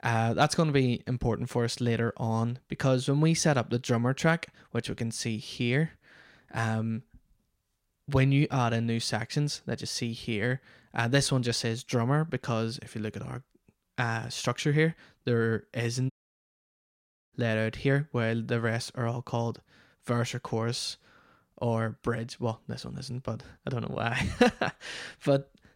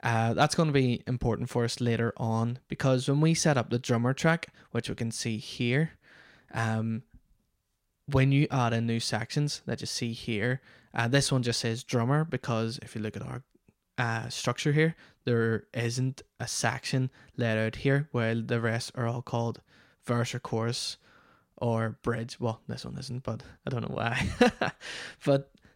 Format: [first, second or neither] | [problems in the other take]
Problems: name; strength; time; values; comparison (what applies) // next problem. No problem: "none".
second | audio cutting out; at 16 s for 1 s